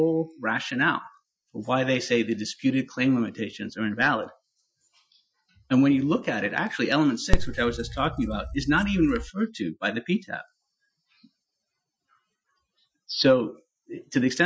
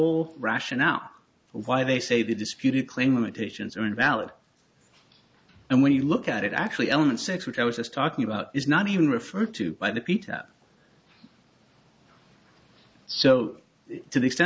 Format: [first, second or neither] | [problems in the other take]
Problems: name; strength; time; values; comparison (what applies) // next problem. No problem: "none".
second | noise reduction (classical method Wiener filter)